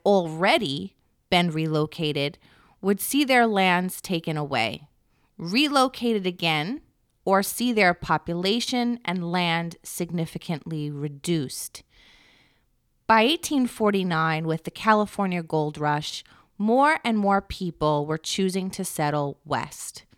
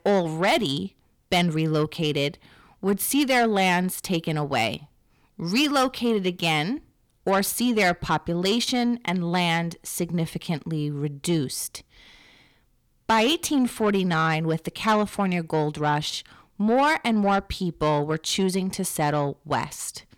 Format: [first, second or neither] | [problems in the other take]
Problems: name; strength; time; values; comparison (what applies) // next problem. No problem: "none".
first | distortion; slight; 10 dB below the speech